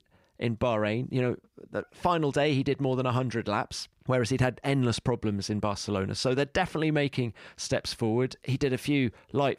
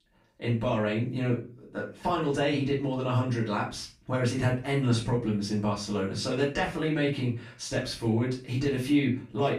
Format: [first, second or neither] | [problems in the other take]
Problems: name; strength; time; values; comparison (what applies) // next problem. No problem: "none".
first | off-mic speech; far // room echo; slight; dies away in 0.3 s